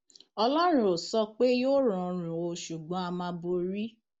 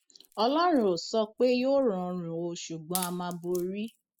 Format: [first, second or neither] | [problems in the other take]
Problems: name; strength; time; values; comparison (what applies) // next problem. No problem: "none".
first | noise reduction (classical method spectral subtraction)